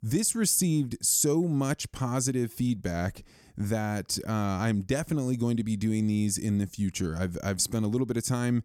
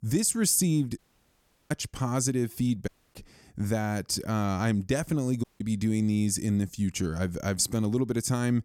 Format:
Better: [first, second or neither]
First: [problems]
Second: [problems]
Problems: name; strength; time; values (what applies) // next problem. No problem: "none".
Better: first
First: none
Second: audio cutting out; at 1 s for 0.5 s, at 3 s and at 5.5 s